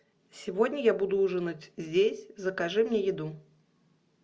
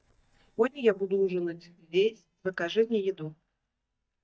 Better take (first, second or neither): first